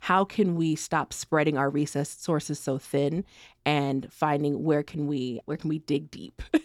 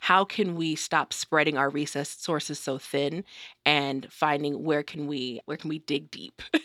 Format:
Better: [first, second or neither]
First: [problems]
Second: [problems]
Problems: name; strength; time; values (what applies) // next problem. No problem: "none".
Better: first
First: none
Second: thin; very slightly; fading below 250 Hz